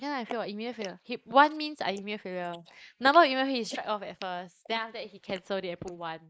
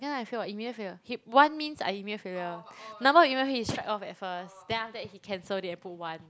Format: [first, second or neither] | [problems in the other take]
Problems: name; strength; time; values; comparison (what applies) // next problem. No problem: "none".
second | noise reduction (neural mask model Resemble Enhance denoiser)